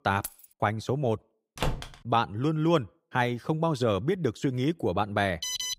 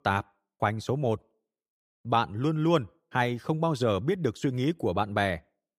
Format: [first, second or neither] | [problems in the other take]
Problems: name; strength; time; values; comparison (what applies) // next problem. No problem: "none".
second | jangling keys; faint; at the start; peak 10 dB below the speech // door banging; noticeable; at 1.5 s; peak 4 dB below the speech // alarm; noticeable; at 5.5 s; peak 2 dB below the speech